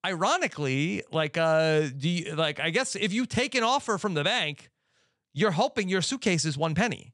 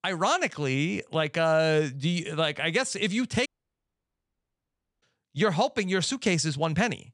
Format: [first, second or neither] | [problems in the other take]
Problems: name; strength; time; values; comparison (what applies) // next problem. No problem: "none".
first | audio cutting out; at 3.5 s for 1.5 s